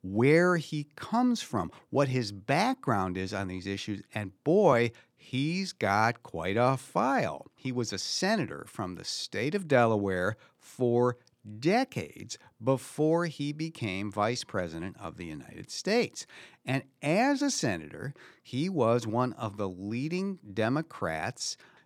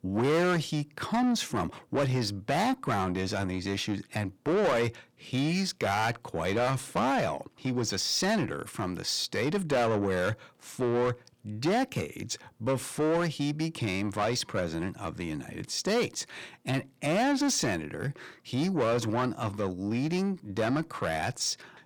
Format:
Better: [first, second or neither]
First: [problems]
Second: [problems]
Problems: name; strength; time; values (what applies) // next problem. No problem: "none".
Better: first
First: none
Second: distortion; heavy; 6 dB below the speech